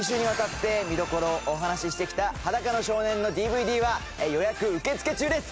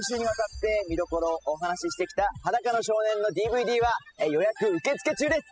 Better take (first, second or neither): first